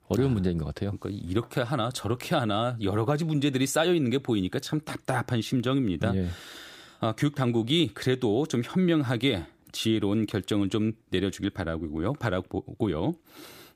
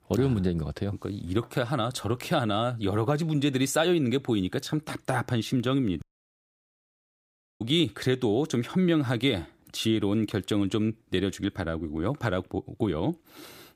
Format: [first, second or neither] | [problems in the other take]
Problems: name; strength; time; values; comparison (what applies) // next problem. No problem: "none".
first | audio cutting out; at 6 s for 1.5 s